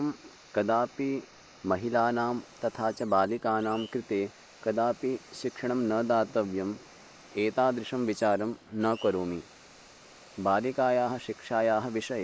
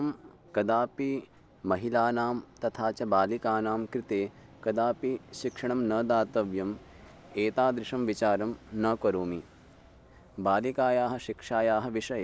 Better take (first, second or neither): second